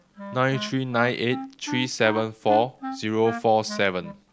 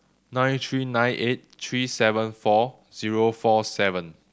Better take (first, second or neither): second